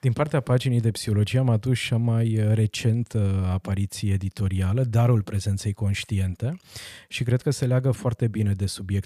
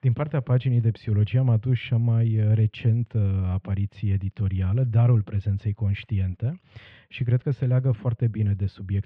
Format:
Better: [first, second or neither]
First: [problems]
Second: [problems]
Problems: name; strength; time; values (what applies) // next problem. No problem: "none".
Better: first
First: none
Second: muffled; very; fading above 3 kHz